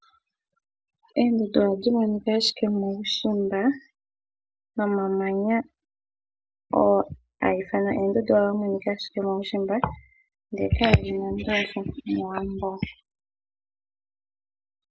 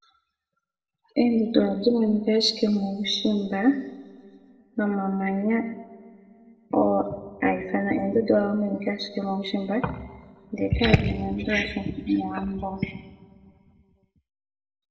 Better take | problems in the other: first | room echo; dies away in 1.2 s

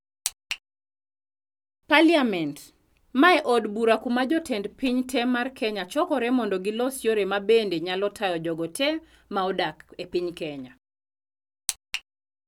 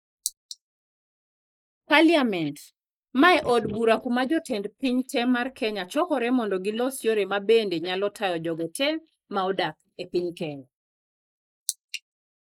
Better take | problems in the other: first | noise reduction (neural mask model Resemble Enhance denoiser)

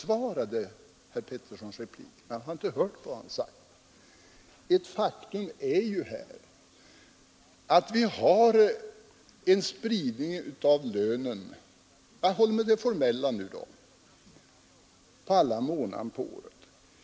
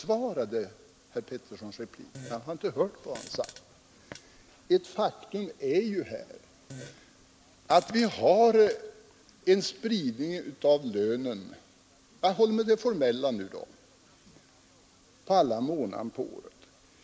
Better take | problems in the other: first | background sound (Fart); 19 dB below the speech

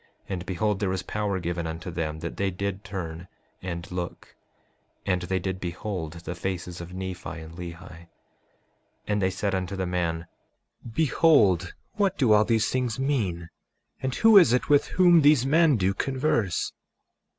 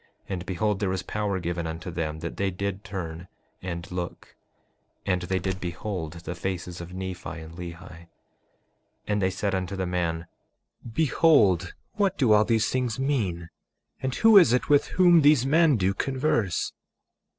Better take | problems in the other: first | noise reduction (neural separator model SepFormer DNS4)

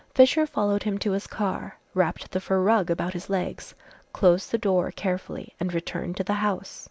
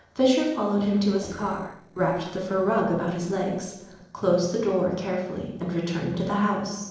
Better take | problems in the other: first | noise reduction (neural separator model SepFormer DNS4)

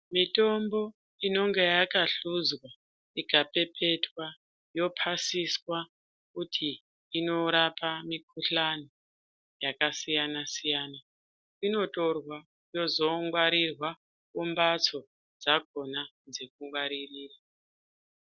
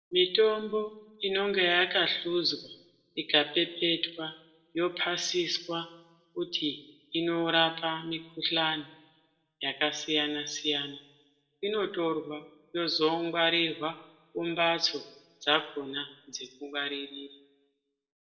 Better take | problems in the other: first | room echo; dies away in 0.6 s

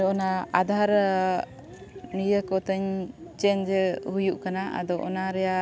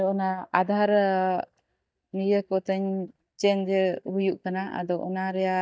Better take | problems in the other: first | noise reduction (neural mask model DeepFilterNet 3)

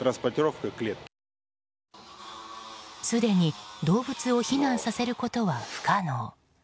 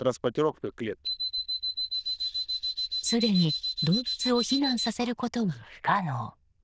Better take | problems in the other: first | noise reduction (neural diffusion model UNIVERSE++)

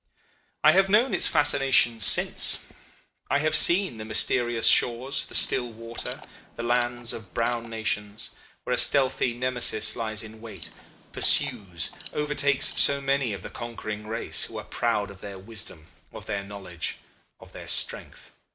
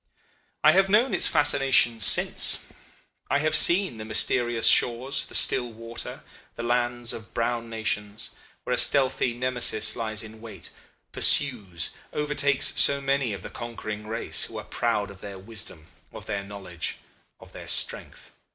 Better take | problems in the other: second | background sound (Alarm); 19 dB below the speech

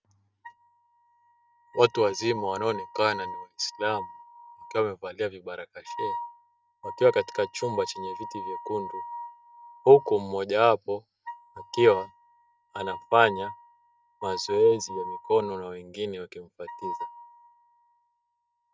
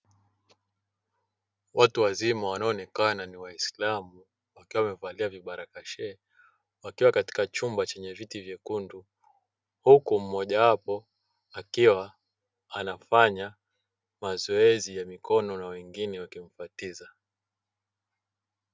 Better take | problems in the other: second | noise reduction (neural mask model RNNoise)

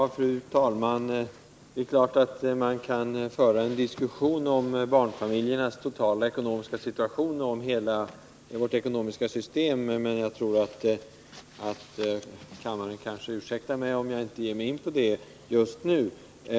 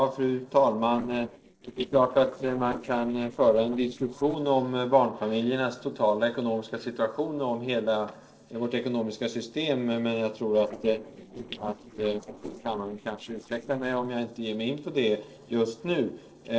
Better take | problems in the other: first | noise reduction (neural separator model SepFormer DNS4)

